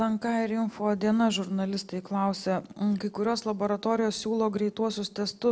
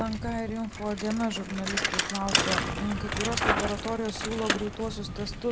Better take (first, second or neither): first